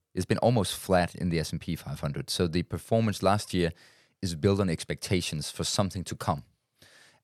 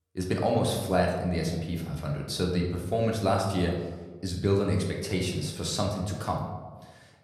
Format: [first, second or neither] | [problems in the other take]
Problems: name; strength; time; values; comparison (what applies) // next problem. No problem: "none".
first | room echo; noticeable; dies away in 1 s // off-mic speech; somewhat distant